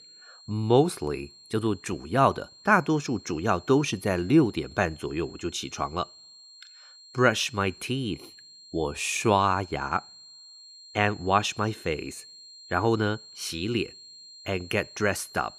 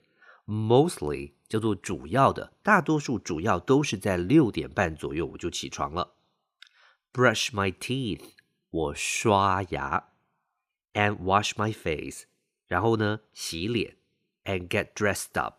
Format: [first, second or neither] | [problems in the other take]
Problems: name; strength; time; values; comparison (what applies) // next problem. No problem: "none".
second | high-pitched whine; faint; throughout; 4 kHz, 20 dB below the speech